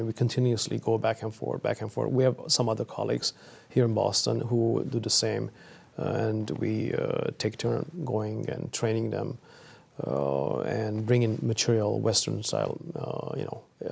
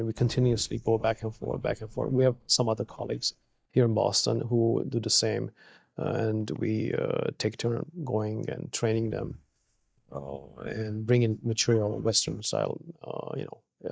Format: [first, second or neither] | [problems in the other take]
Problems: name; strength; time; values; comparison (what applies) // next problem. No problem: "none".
first | noise reduction (neural mask model DeepFilterNet 3)